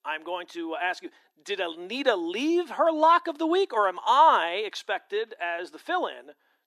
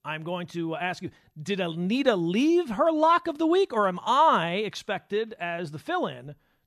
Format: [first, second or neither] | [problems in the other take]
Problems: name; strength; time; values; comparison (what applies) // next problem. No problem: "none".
second | thin; somewhat; fading below 300 Hz